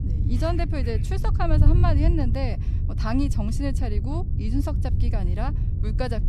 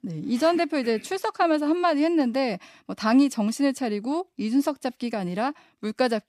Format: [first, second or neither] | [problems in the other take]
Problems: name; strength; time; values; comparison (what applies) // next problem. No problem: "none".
second | wind noise on the microphone; heavy; 8 dB below the speech